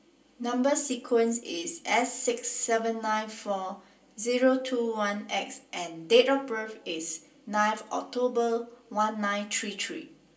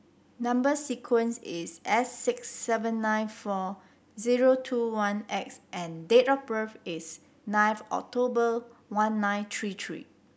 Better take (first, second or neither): second